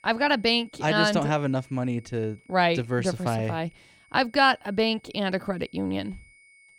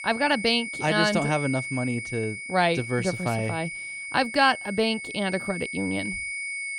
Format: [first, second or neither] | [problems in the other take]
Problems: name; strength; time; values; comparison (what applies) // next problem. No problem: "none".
first | high-pitched whine; loud; throughout; 2 kHz, 7 dB below the speech; faint in the first